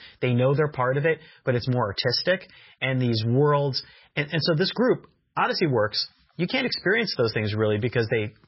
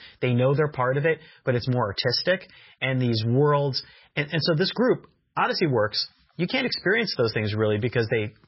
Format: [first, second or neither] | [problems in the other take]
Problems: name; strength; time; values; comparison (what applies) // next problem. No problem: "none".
neither | garbled, watery; badly; nothing above 5.5 kHz; the same in both